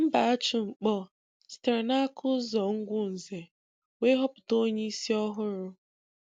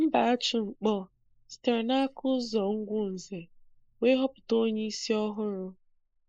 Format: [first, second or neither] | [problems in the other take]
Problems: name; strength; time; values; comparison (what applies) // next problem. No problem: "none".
first | noise reduction (neural mask model Resemble Enhance denoiser)